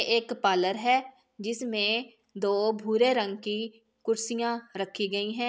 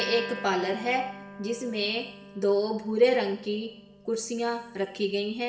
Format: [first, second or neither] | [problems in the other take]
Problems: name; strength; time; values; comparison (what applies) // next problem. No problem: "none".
first | background sound (Acoustic guitar); 15 dB below the speech // room echo; dies away in 1 s